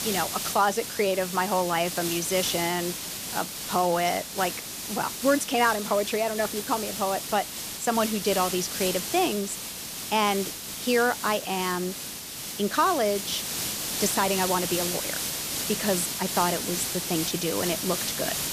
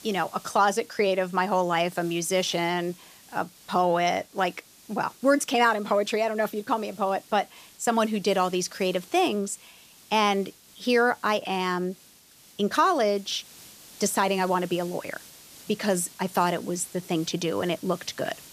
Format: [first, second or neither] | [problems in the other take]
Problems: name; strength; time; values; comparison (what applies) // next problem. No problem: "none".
second | hiss; loud; throughout; 3 dB below the speech; faint in the second